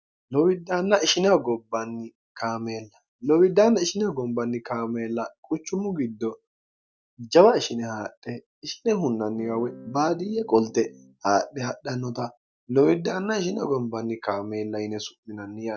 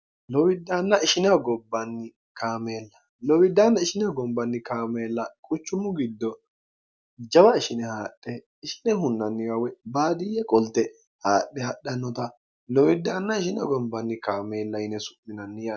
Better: second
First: noise reduction (neural mask model DeepFilterNet 3)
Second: none

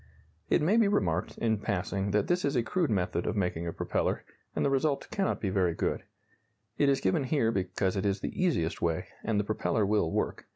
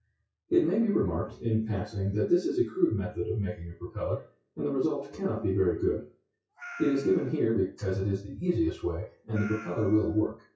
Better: first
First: none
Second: noise reduction (classical method WPE with log-MMSE)

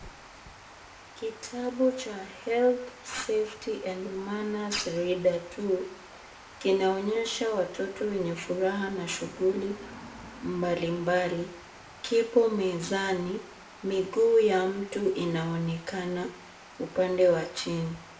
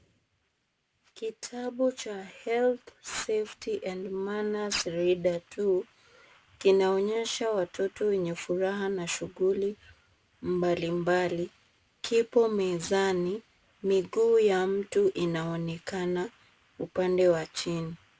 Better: second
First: background sound (Water); 19 dB below the speech // room echo; dies away in 0.6 s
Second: none

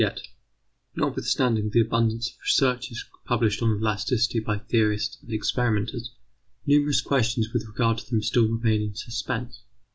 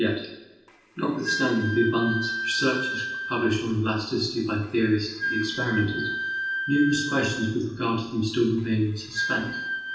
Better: first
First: none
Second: background sound (Wind instrument, woodwind instrument); 6 dB below the speech // room echo; dies away in 0.9 s

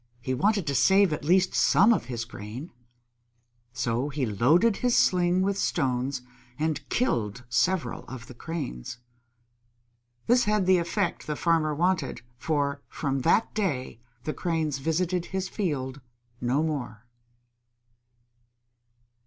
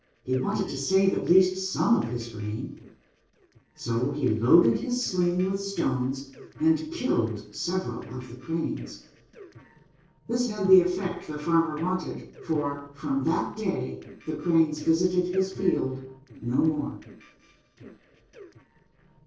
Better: first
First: none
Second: noise reduction (neural separator model SepFormer DNS4)

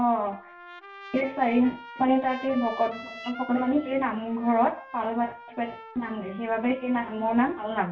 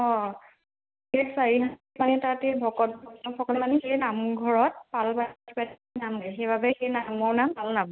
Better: second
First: background sound (Trumpet); 17 dB below the speech // room echo; dies away in 0.3 s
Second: none

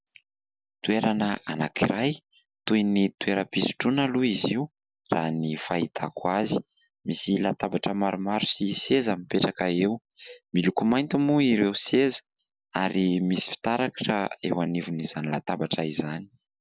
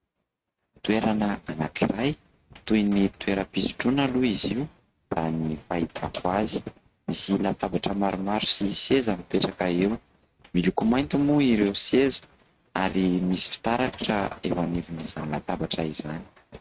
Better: first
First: none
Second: noise reduction (neural mask model RNNoise)

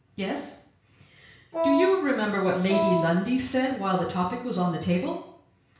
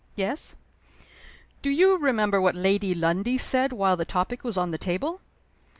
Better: second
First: background sound (Wind instrument, woodwind instrument); 1 dB below the speech // room echo; dies away in 0.5 s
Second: none

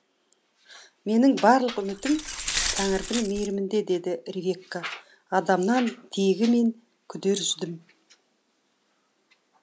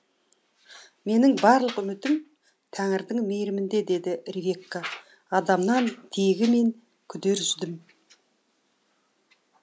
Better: second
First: background sound (Glass); 5 dB below the speech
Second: none

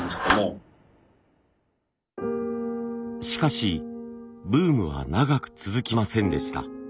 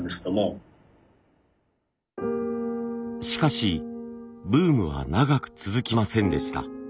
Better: second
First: background sound (Clapping); 10 dB below the speech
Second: none

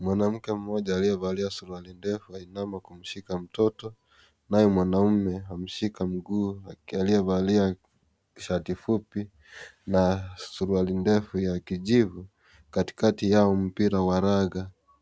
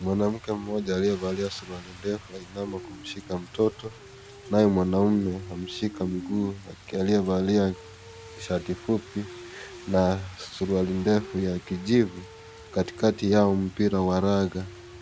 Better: first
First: none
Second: background sound (Rain); 17 dB below the speech

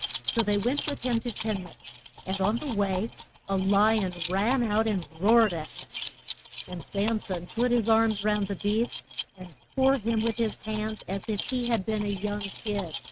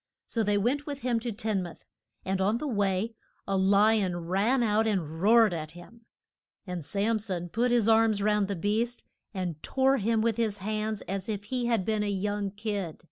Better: second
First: noise reduction (neural mask model RNNoise)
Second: none

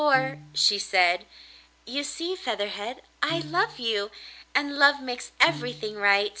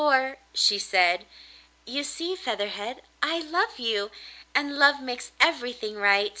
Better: second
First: background sound (Piano); 15 dB below the speech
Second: none

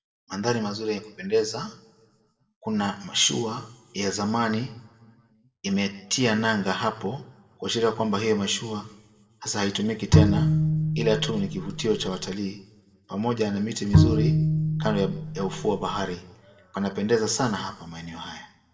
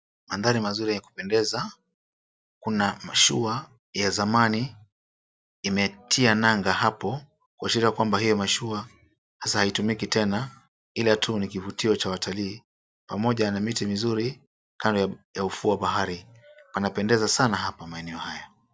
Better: second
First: background sound (Bowed string instrument); 4 dB above the speech // room echo; dies away in 0.7 s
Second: none

